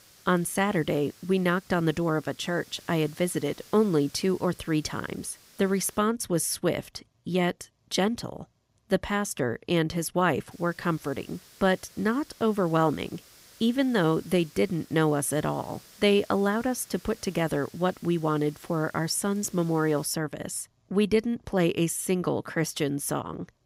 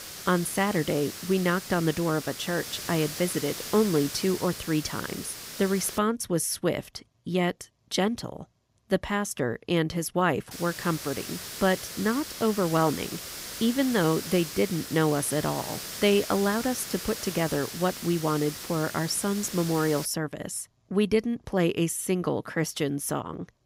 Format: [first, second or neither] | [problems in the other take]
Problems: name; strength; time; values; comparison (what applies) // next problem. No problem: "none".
first | hiss; loud; until 6 s and from 11 to 20 s; 9 dB below the speech; faint in the first